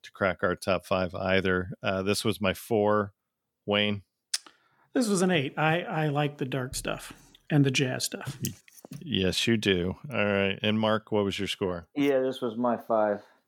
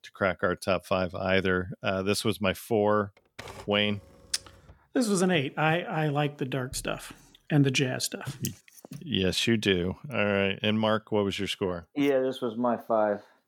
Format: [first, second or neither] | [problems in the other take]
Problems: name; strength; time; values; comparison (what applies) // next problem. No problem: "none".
first | keyboard typing; faint; from 3 to 4.5 s; peak 15 dB below the speech